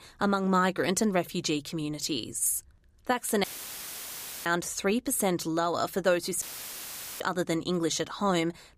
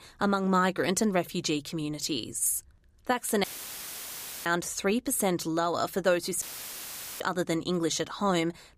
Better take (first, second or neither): neither